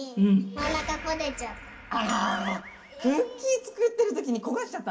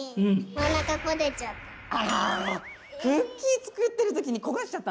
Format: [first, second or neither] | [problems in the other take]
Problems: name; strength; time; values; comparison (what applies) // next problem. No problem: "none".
second | room echo; dies away in 1.1 s